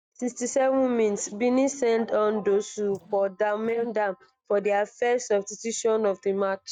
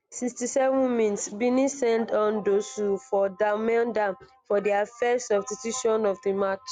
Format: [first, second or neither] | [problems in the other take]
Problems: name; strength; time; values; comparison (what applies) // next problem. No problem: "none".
second | noise reduction (neural mask model DeepFilterNet 3)